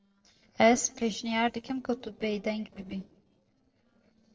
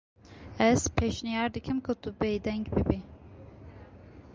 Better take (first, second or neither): second